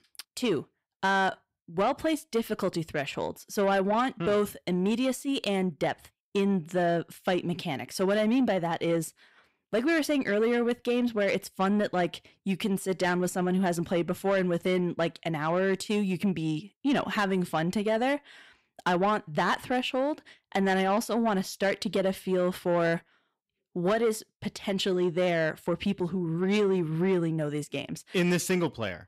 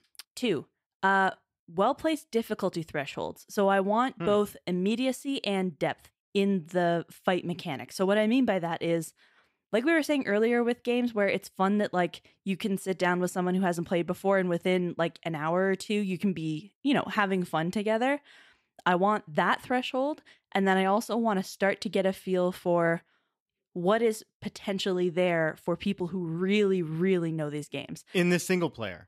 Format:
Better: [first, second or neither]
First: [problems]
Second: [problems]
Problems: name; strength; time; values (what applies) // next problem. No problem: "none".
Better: second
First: distortion; slight; 10 dB below the speech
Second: none